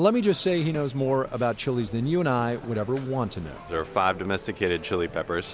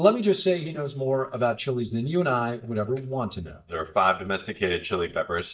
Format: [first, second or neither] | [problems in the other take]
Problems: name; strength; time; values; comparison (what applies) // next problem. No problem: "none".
first | noise reduction (neural mask model DeepFilterNet 3)